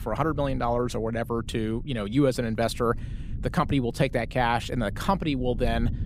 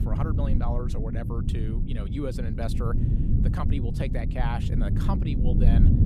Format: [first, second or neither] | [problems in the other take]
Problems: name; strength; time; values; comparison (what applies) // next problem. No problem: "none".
first | low rumble; loud; throughout; 2 dB below the speech; faint in the first